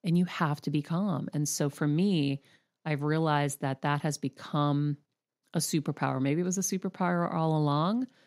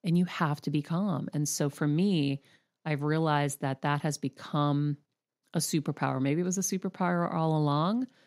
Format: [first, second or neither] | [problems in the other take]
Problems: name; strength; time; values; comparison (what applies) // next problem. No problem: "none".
neither | none